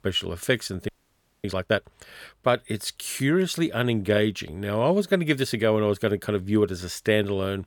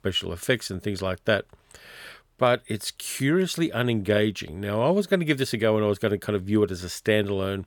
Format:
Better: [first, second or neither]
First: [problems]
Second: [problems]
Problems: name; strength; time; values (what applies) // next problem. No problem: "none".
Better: second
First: audio freezing; at 1 s for 0.5 s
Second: none